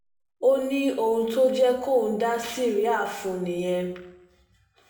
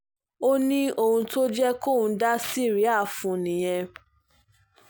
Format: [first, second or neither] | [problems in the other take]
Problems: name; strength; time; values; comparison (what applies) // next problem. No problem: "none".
second | room echo; dies away in 0.8 s